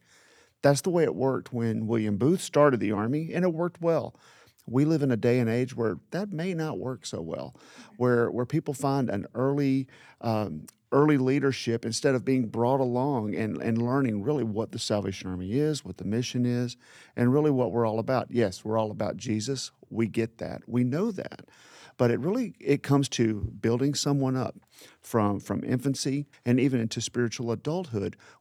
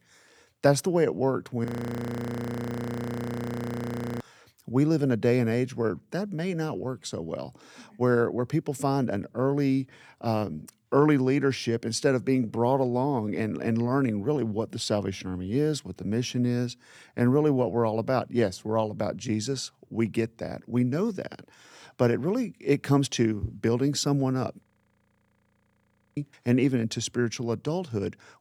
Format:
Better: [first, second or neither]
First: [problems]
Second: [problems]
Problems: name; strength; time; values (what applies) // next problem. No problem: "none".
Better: first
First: none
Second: audio freezing; at 1.5 s for 2.5 s and at 25 s for 1.5 s